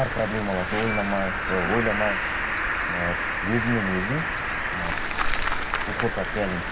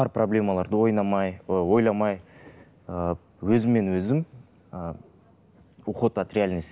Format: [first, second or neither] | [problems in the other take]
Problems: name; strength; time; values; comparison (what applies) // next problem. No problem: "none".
second | background sound (Cricket); 2 dB above the speech // room echo; dies away in 0.8 s